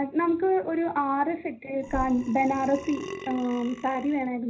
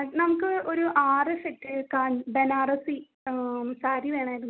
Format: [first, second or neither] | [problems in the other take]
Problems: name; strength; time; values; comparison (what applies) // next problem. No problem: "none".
second | background sound (Burping, eructation); 13 dB below the speech // room echo; dies away in 0.5 s